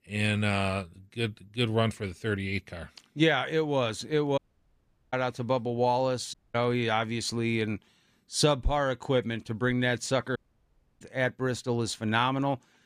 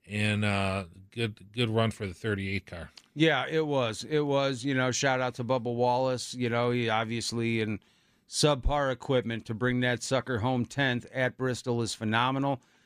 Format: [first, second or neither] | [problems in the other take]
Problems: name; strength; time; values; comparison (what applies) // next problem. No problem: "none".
second | audio cutting out; at 4.5 s for 0.5 s, at 6.5 s and at 10 s for 0.5 s